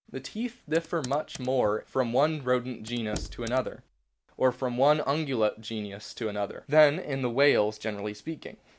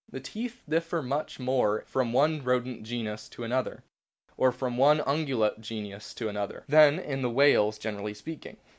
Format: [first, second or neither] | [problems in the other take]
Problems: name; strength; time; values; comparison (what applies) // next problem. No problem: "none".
second | background sound (Knock + Computer keyboard); 18 dB below the speech